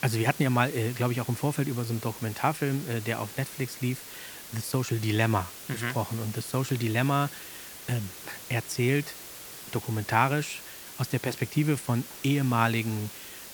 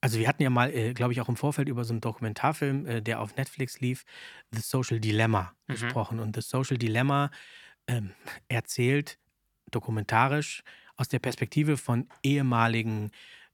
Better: second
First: hiss; noticeable; throughout; 10 dB below the speech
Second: none

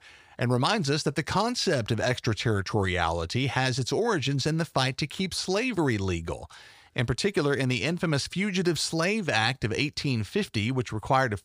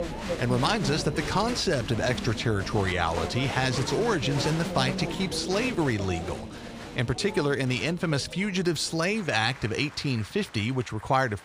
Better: first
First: none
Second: crowd noise; loud; throughout; 8 dB below the speech

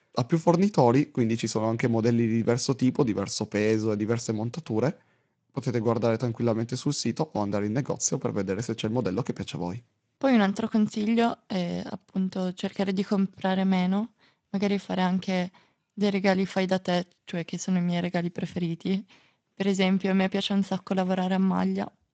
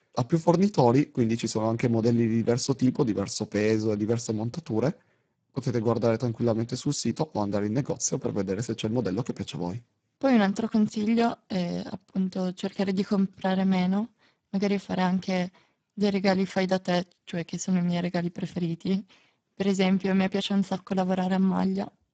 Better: first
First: garbled, watery; slightly; nothing above 7.5 kHz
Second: garbled, watery; badly; nothing above 7.5 kHz

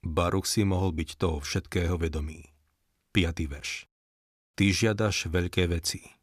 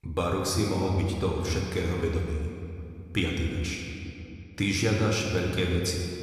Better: first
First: none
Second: room echo; noticeable; dies away in 2.3 s // off-mic speech; somewhat distant

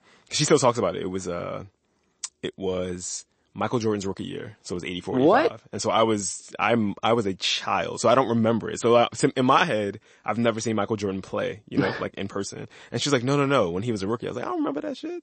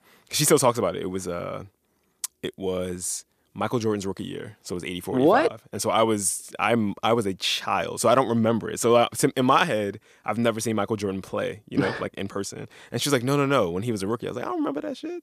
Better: second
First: garbled, watery; slightly; nothing above 8 kHz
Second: none

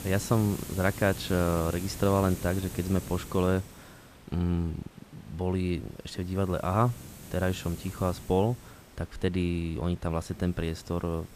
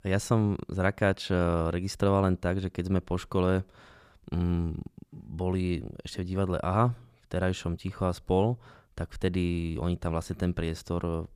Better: second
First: hiss; noticeable; throughout; 15 dB below the speech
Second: none

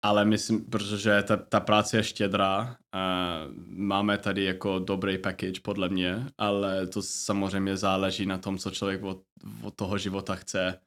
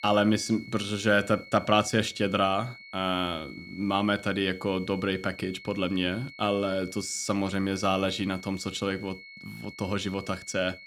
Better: first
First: none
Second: high-pitched whine; noticeable; throughout; 2 kHz, 15 dB below the speech

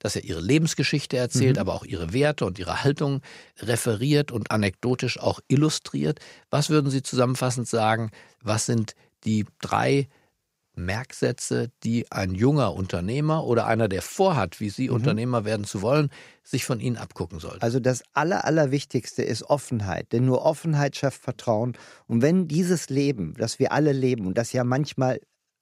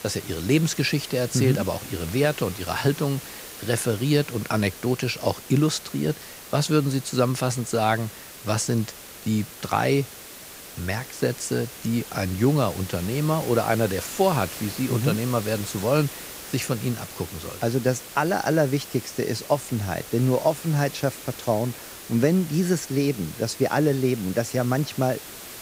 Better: first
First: none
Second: hiss; noticeable; throughout; 15 dB below the speech

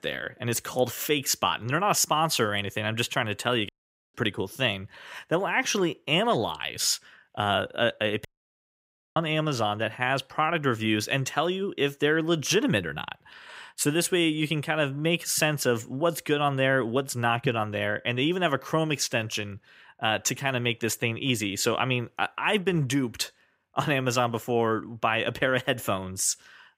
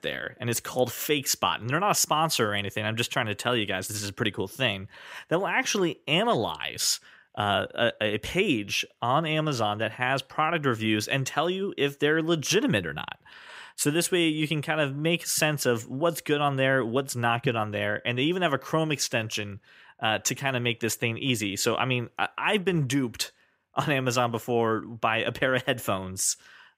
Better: second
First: audio cutting out; at 3.5 s and at 8.5 s for 1 s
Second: none

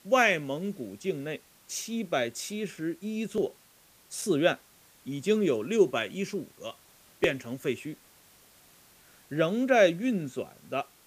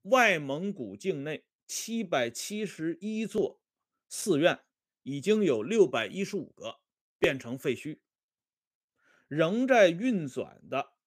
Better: second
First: hiss; faint; throughout; 25 dB below the speech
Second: none

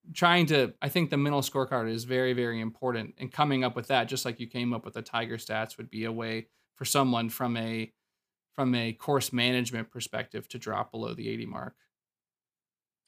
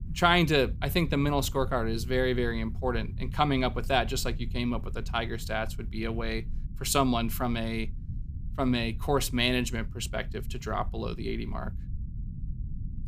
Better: first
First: none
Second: low rumble; faint; throughout; 25 dB below the speech

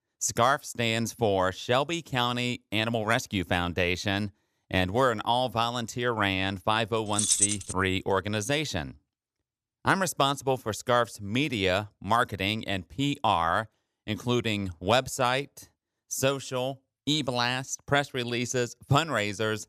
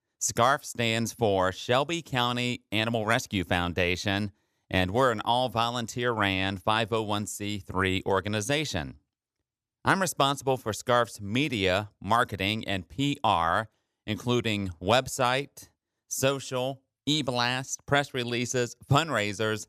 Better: second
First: jangling keys; loud; at 7 s; peak 5 dB above the speech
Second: none

